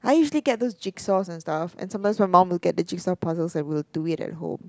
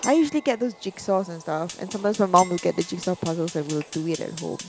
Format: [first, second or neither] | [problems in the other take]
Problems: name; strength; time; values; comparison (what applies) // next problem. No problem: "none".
first | background sound (Fire + Chink, clink); 15 dB below the speech